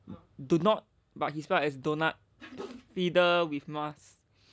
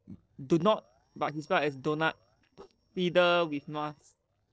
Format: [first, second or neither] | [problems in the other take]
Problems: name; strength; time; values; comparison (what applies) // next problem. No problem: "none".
first | noise reduction (neural separator model SepFormer DNS4)